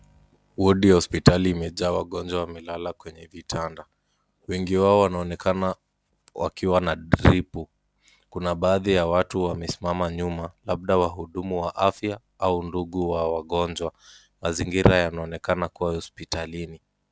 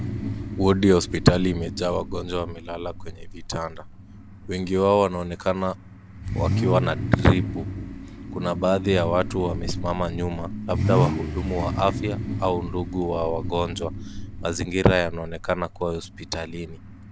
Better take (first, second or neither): first